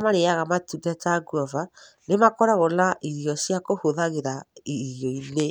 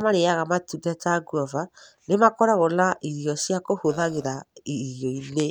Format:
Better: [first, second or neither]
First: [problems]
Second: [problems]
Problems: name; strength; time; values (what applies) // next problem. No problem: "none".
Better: first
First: none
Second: background sound (Burping, eructation); 19 dB below the speech